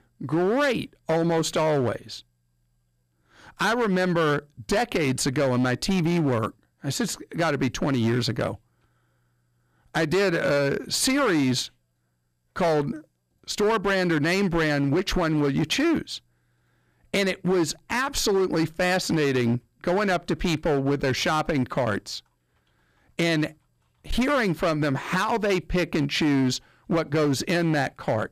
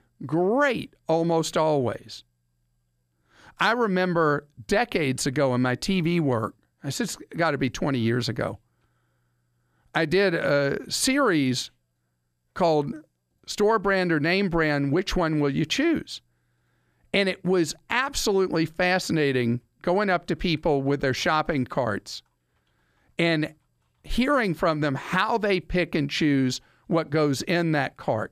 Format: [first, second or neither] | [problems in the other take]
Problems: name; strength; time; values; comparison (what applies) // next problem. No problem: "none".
second | distortion; slight; 11% of the sound clipped